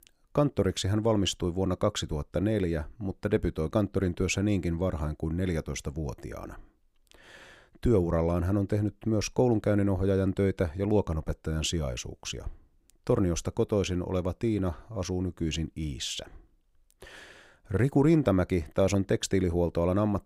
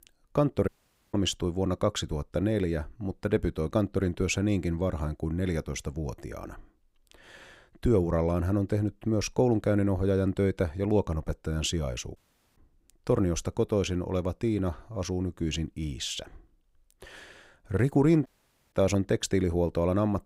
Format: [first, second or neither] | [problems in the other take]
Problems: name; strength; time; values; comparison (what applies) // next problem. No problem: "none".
first | audio cutting out; at 0.5 s, at 12 s and at 18 s